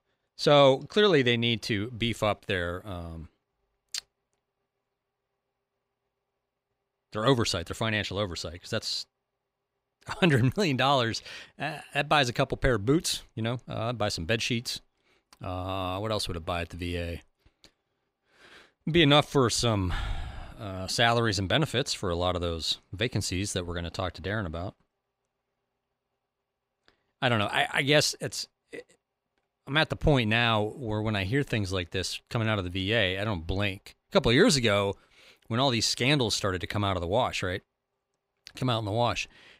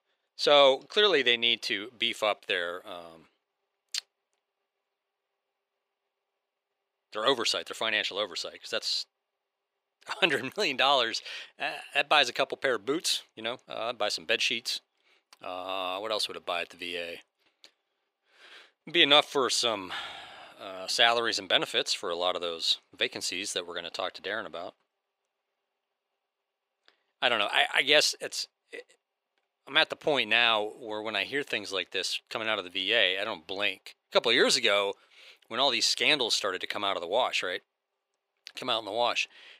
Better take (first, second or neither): first